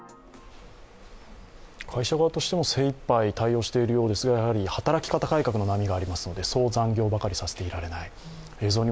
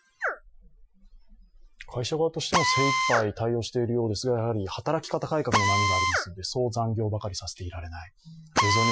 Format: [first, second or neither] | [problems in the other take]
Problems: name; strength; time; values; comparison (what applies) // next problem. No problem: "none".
first | noise reduction (classical method Wiener filter)